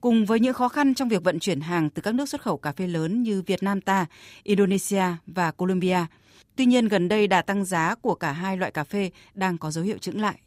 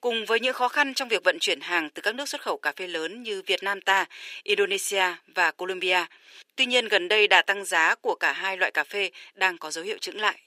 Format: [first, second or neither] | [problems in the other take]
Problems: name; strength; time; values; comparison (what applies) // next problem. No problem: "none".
first | thin; very; fading below 400 Hz